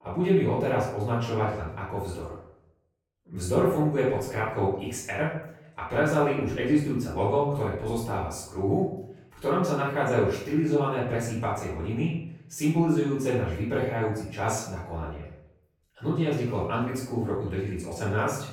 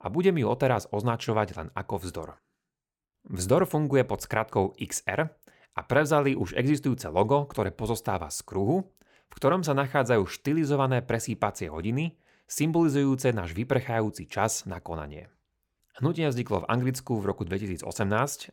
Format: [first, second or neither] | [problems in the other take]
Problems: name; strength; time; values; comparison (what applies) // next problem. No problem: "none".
second | off-mic speech; far // room echo; noticeable; dies away in 0.6 s